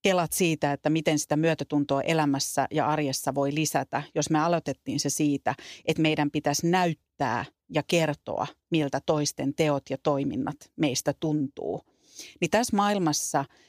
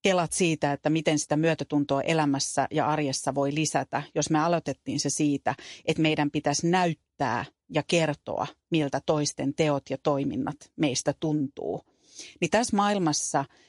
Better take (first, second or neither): first